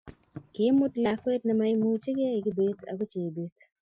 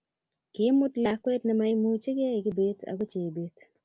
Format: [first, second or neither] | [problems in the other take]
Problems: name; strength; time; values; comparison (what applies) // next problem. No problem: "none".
second | noise reduction (classical method Wiener filter)